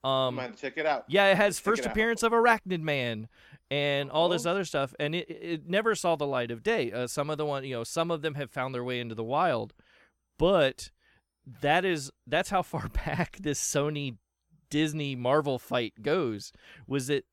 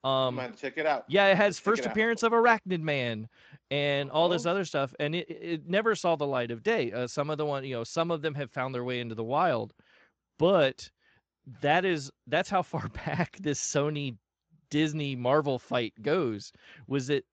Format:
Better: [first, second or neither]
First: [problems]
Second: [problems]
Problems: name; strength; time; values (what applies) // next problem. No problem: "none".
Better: first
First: none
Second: garbled, watery; slightly; nothing above 7.5 kHz